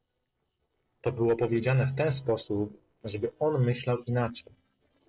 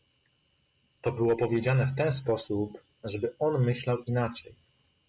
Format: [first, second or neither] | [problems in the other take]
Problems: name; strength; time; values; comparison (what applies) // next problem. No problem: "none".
second | noise reduction (neural separator model SepFormer DNS4)